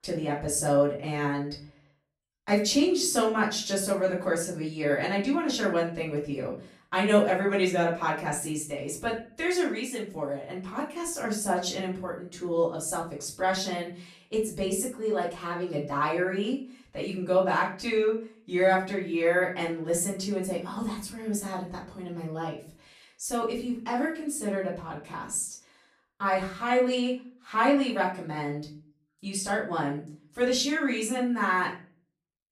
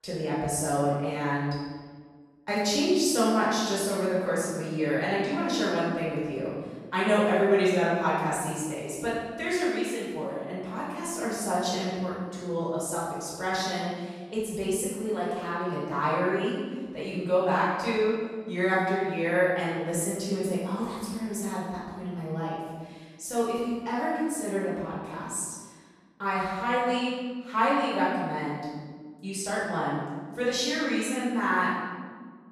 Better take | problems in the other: first | room echo; strong; dies away in 1.3 s; slight in the first // off-mic speech; far; far in the first

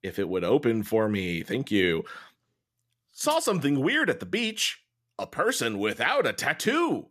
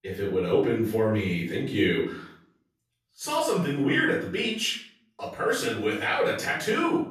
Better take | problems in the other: first | off-mic speech; far // room echo; noticeable; dies away in 0.5 s

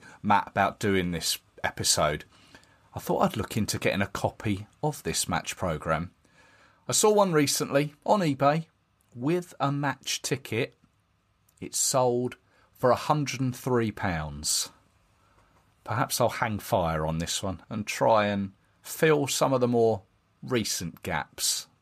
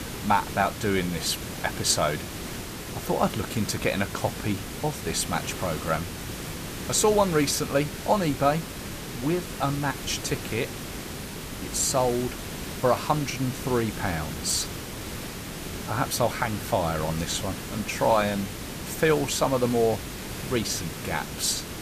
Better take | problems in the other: first | hiss; loud; throughout; 8 dB below the speech

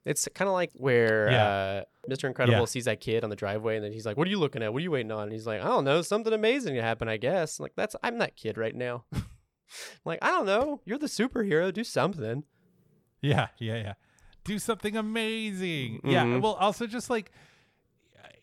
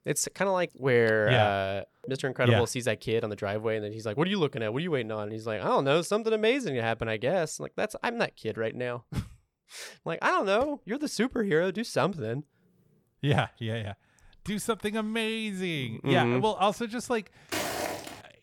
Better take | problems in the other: first | footsteps; noticeable; at 18 s; peak 2 dB below the speech

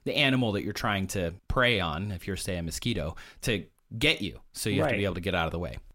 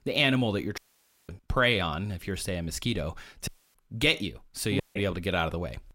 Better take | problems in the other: first | audio cutting out; at 1 s for 0.5 s, at 3.5 s and at 5 s

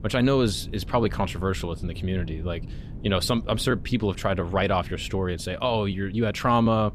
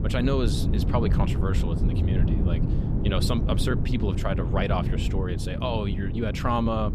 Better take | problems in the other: first | wind noise on the microphone; heavy; 6 dB below the speech; occasional gusts in the first

